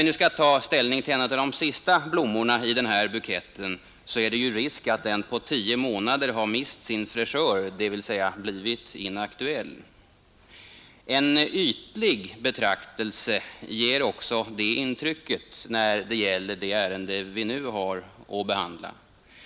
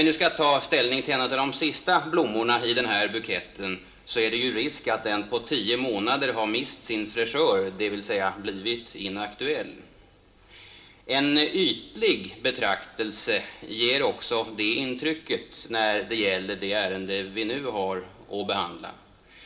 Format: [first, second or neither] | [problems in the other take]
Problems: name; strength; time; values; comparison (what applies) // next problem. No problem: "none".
first | room echo; dies away in 1.7 s